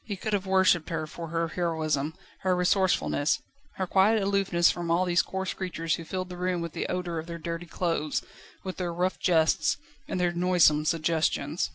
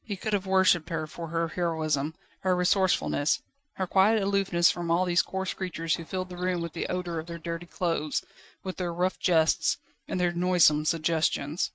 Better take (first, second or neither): first